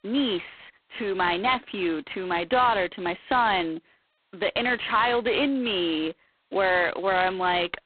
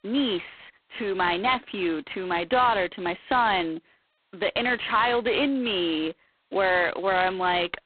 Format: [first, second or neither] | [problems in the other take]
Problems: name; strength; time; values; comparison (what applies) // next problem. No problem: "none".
neither | phone-call audio; poor line; nothing above 3.5 kHz; the same in both